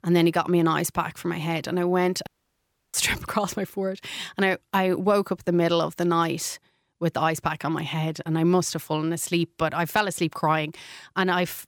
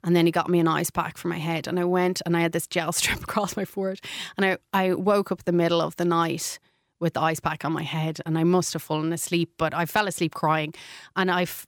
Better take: second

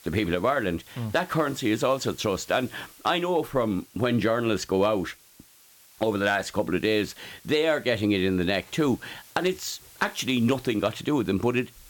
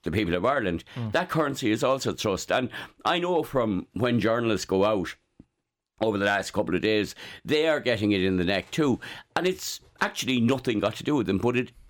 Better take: second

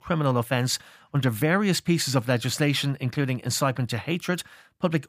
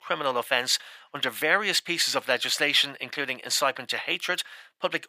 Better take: first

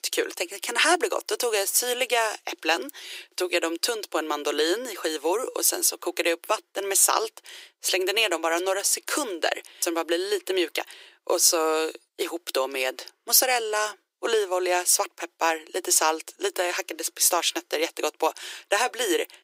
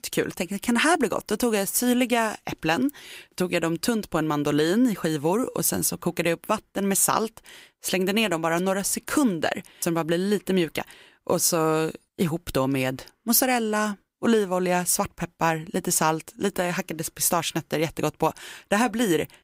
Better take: second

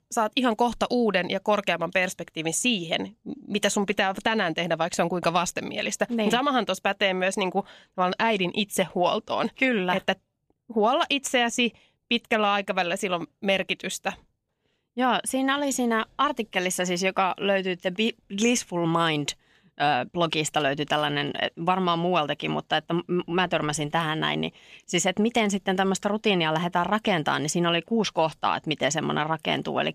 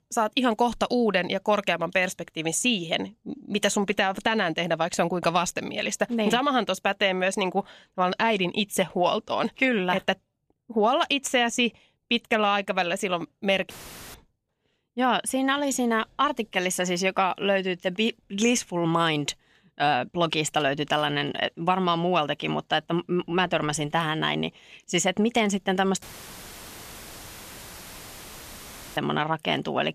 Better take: first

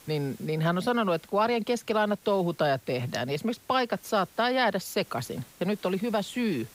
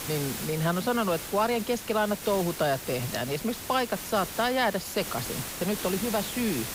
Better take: first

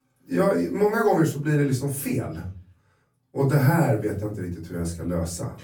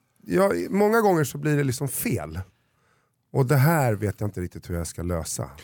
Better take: second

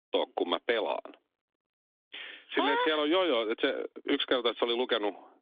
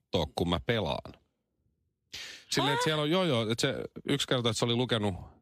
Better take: second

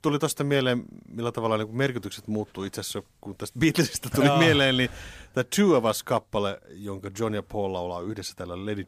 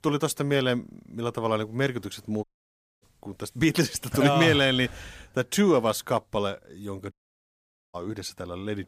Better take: first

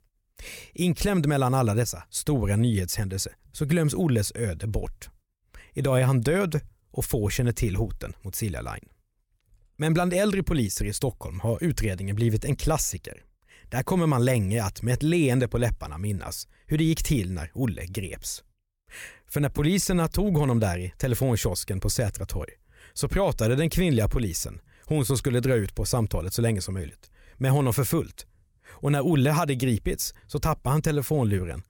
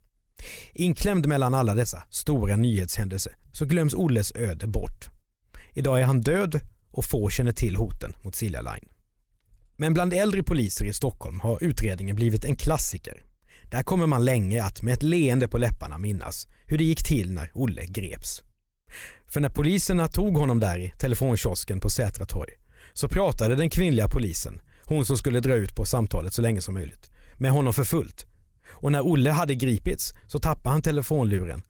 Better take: first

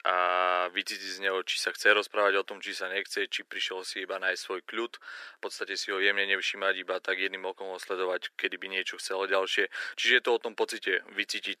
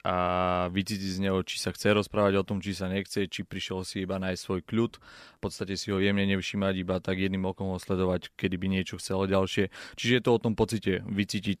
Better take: second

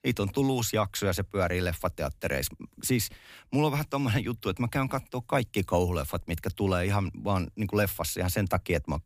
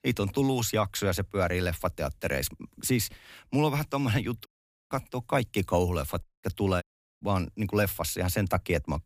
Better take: first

